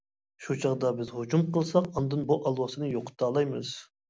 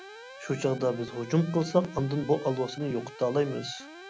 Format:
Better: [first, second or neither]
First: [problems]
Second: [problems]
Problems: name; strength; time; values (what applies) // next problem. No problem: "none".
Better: first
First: none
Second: background sound (Alarm + Bowed string instrument); 17 dB below the speech